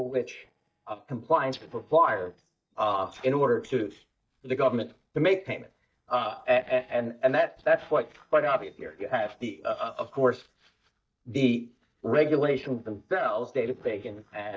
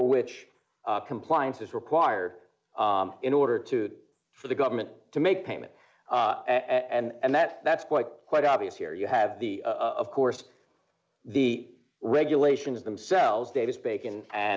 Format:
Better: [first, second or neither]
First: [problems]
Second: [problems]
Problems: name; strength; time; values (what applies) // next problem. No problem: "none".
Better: second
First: noise reduction (neural mask model DeepFilterNet 3)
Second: none